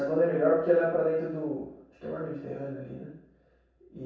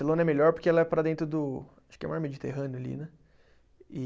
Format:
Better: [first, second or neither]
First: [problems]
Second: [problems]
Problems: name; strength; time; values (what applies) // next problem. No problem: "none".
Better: second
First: room echo; dies away in 0.7 s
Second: none